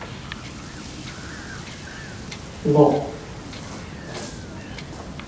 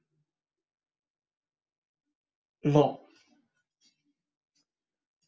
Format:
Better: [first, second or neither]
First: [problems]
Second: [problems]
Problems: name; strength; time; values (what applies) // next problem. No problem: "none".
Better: second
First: background sound (Wind / Boat, Water vehicle); 8 dB below the speech // room echo; dies away in 0.8 s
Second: none